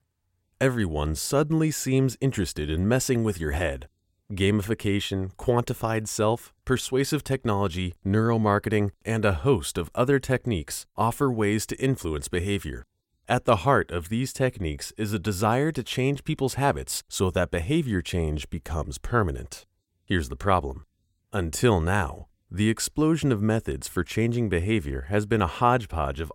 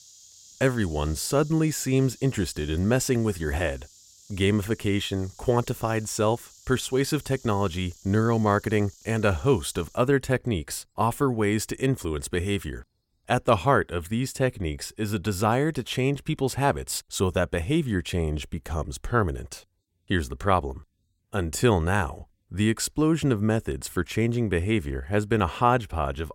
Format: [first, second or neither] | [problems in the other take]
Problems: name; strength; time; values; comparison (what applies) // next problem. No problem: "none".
first | animal sounds; faint; until 15 s; 25 dB below the speech